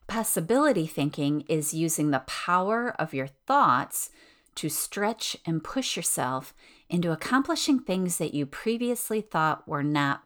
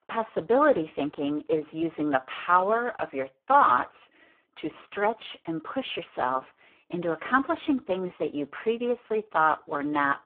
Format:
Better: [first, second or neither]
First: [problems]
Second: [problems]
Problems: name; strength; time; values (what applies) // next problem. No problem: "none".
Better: first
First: none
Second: phone-call audio; poor line